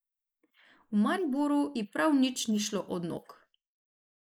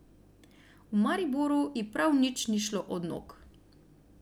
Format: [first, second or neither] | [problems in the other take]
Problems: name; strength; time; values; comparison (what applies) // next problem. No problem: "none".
second | noise reduction (neural mask model Resemble Enhance denoiser)